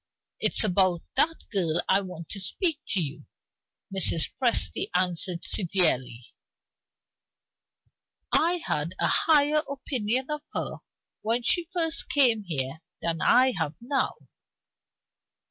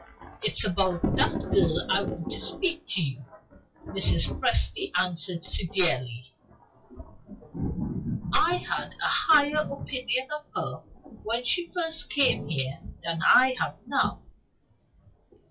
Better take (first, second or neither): first